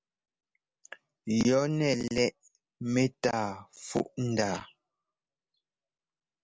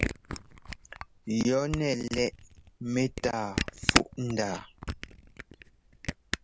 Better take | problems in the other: first | background sound (Camera); 3 dB below the speech

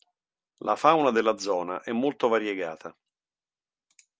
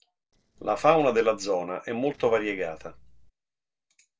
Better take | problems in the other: first | noise reduction (neural separator model SepFormer DNS4)

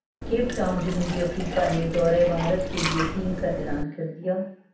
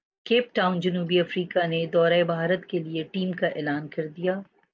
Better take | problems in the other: second | background sound (Liquid); 4 dB below the speech // room echo; dies away in 0.7 s

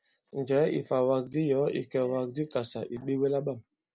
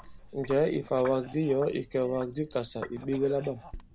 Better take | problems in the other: first | background sound (Cough + Sink (filling or washing)); 16 dB below the speech

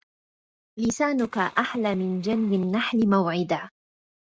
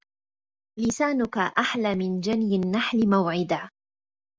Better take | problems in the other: second | noise reduction (neural mask model RNNoise)

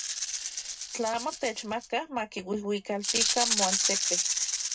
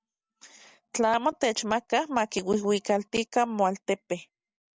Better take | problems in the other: second | background sound (Rattle (instrument)); 3 dB above the speech // room echo; dies away in 0.2 s

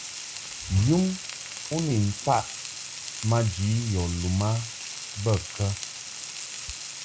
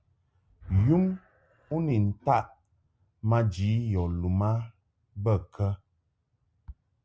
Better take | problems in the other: second | background sound (Frying (food)); 9 dB below the speech

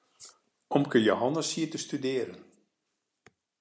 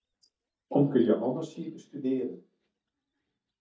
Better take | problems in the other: first | noise reduction (neural mask model DeepFilterNet 3)

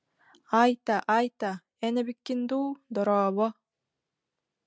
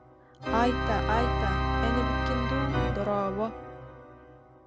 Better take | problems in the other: first | background sound (Organ); 3 dB above the speech

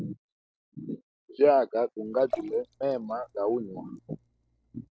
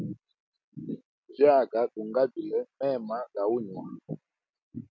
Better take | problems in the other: second | noise reduction (neural separator model SepFormer DNS4)

